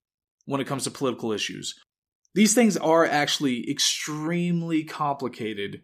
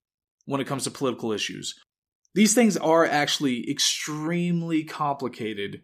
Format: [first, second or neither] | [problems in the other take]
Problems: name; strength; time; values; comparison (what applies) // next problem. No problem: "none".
neither | none